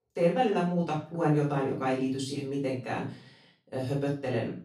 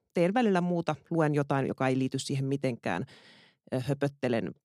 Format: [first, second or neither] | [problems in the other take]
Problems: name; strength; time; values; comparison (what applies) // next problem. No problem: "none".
second | off-mic speech; far // room echo; noticeable; dies away in 0.3 s